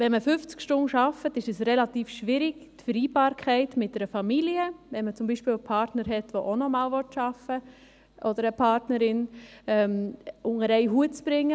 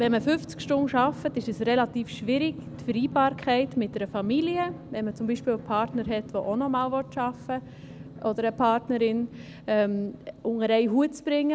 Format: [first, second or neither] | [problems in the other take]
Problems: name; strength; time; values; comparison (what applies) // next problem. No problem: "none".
first | background sound (Drum); 15 dB below the speech